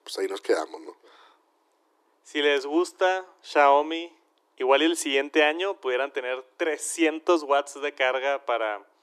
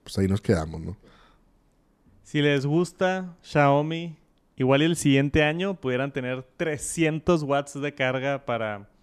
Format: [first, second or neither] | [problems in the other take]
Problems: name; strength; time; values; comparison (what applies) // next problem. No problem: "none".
second | thin; very; fading below 300 Hz